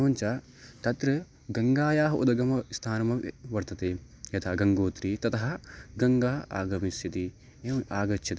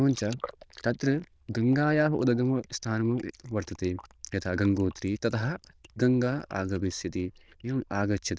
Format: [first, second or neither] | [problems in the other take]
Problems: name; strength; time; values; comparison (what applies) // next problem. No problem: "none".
first | noise reduction (neural diffusion model UNIVERSE++)